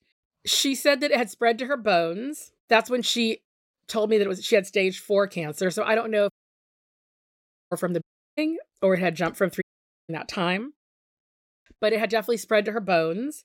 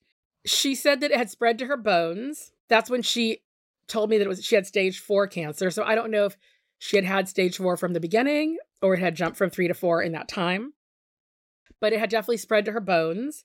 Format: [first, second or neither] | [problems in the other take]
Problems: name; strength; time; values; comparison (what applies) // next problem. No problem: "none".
second | audio cutting out; at 6.5 s for 1.5 s, at 8 s and at 9.5 s